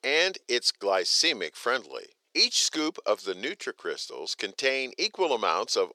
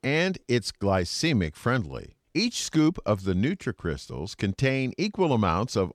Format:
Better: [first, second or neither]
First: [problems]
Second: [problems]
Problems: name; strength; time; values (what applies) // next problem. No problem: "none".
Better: second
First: thin; very; fading below 400 Hz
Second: none